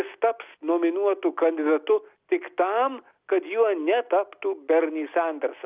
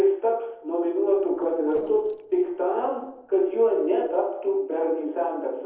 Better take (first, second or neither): first